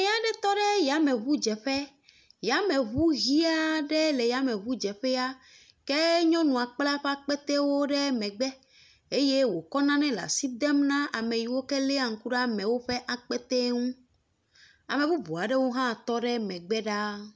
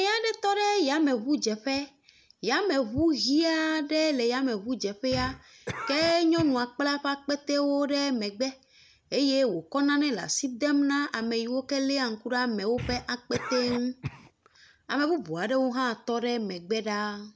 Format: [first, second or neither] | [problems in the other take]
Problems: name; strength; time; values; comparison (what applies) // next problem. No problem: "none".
first | background sound (Cough); 13 dB below the speech